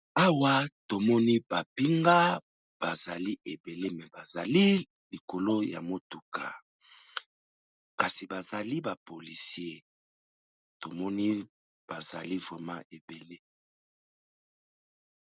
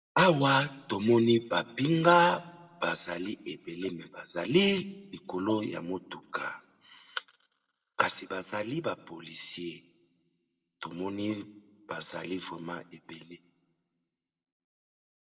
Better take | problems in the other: first | room echo; dies away in 0.8 s

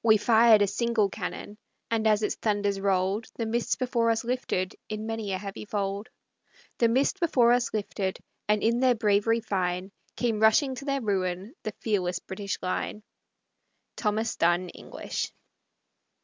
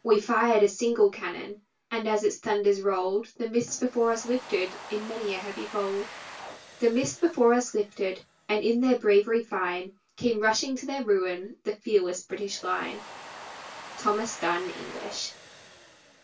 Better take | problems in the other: first | background sound (Domestic sounds, home sounds); 19 dB below the speech // room echo; dies away in 0.1 s

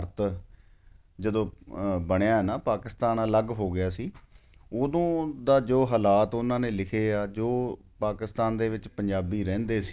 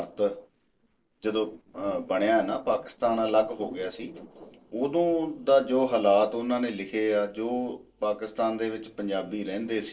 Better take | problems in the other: first | noise reduction (neural separator model SepFormer DNS4)

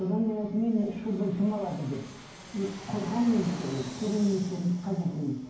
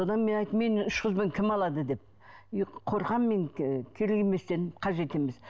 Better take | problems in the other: second | background sound (Fixed-wing aircraft, airplane); 16 dB below the speech // room echo; dies away in 0.9 s

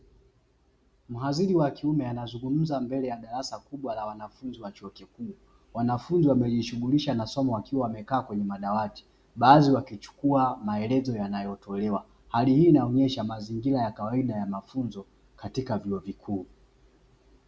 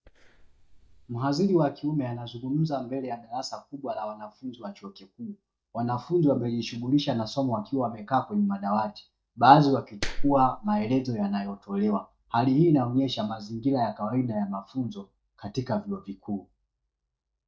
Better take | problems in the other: first | noise reduction (neural mask model DeepFilterNet 3)

